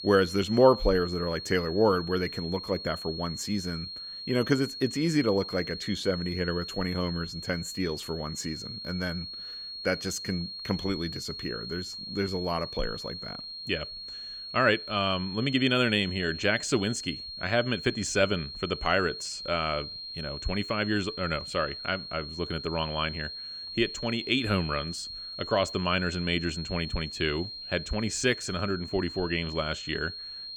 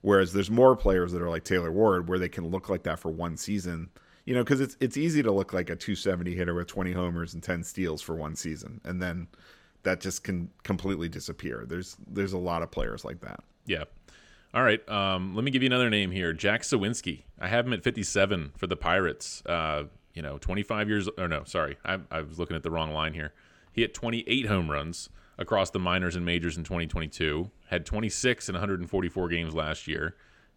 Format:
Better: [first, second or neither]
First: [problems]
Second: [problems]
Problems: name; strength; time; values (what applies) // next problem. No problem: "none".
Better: second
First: high-pitched whine; loud; throughout; 4.5 kHz, 8 dB below the speech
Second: none